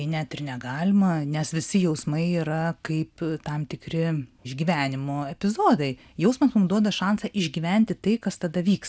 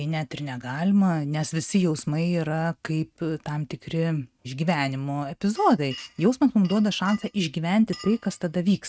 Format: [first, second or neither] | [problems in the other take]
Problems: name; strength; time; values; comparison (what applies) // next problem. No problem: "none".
first | noise reduction (neural mask model RNNoise)